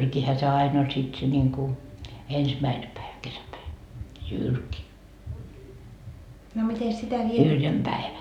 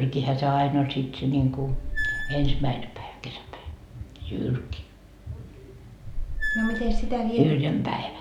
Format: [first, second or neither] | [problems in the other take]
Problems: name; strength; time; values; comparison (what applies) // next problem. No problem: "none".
first | background sound (Squeak / Screech); 1 dB above the speech